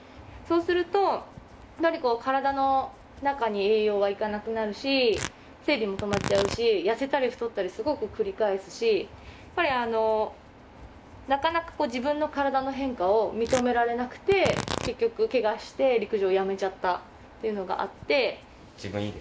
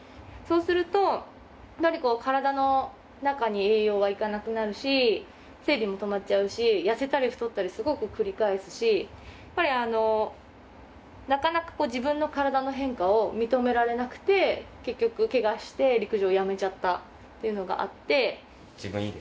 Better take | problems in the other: second | background sound (Tearing); 15 dB below the speech

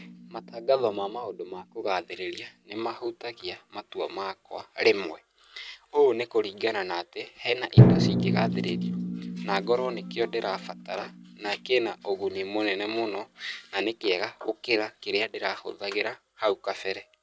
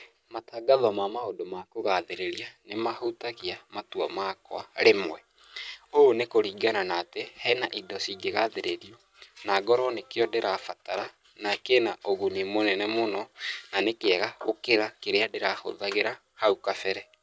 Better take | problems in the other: second | background sound (Drum); 1 dB below the speech

